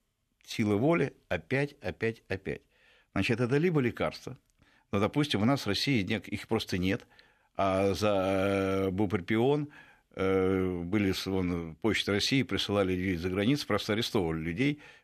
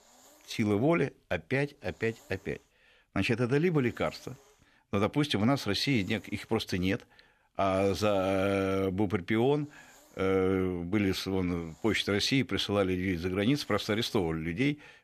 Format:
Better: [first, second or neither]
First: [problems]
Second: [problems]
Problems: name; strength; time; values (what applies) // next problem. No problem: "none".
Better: first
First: none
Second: hiss; faint; throughout; 30 dB below the speech